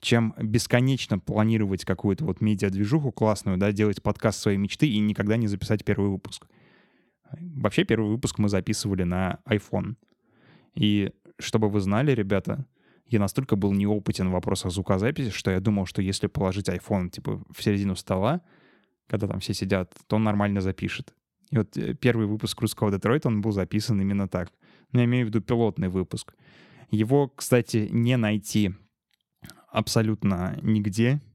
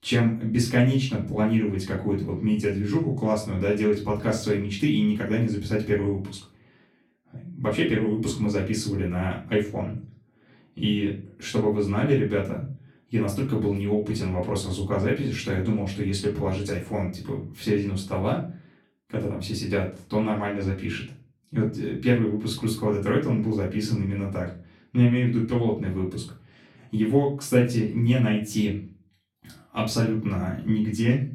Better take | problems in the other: first | off-mic speech; far // room echo; slight; dies away in 0.3 s

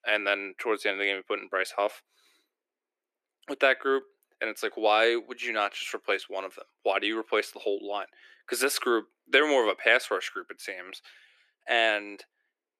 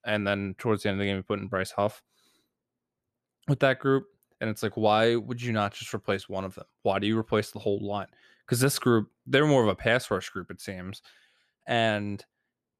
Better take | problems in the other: second | thin; very; fading below 300 Hz

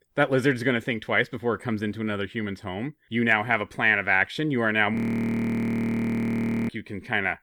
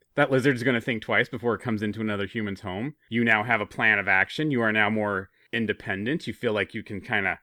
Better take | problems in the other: second | audio freezing; at 5 s for 1.5 s

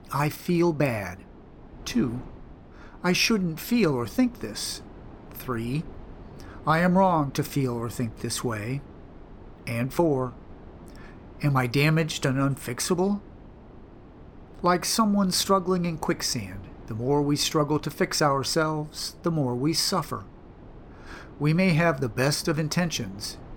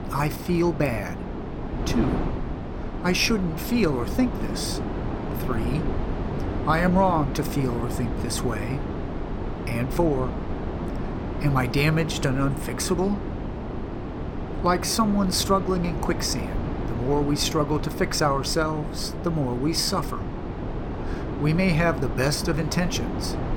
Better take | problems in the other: first | wind noise on the microphone; heavy; 8 dB below the speech; occasional gusts in the first

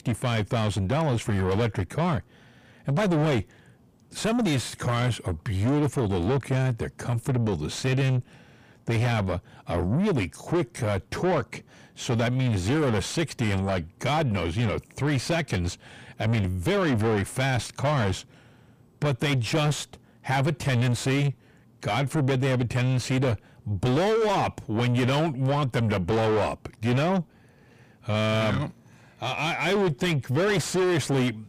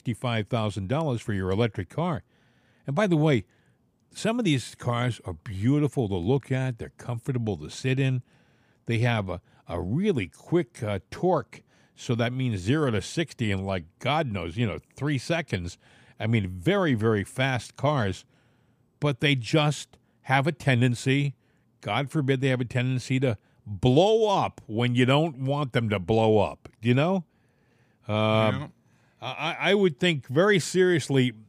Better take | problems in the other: second | distortion; heavy; 6 dB below the speech

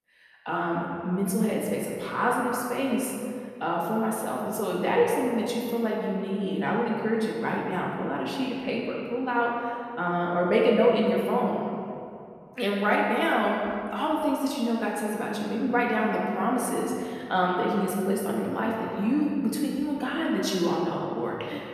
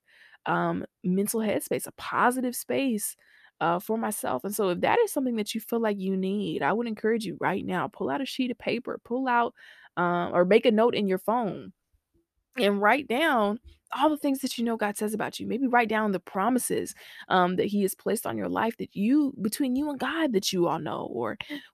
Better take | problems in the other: second | room echo; noticeable; dies away in 2.2 s // off-mic speech; far

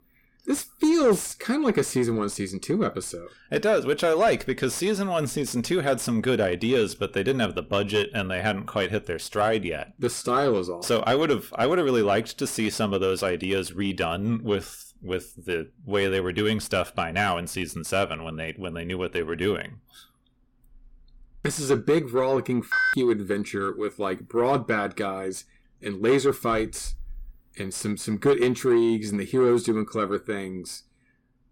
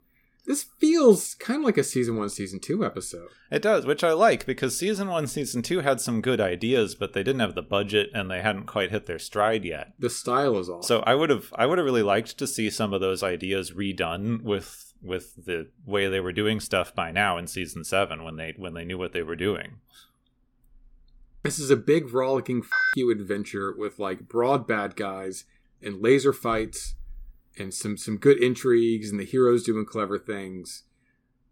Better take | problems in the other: second | distortion; slight; 10 dB below the speech

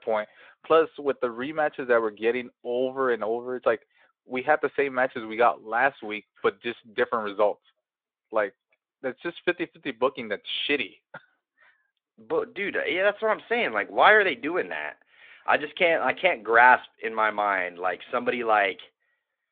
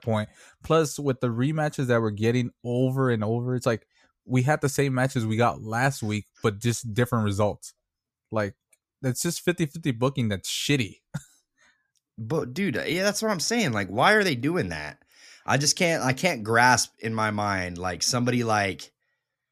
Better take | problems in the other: second | phone-call audio; nothing above 3.5 kHz

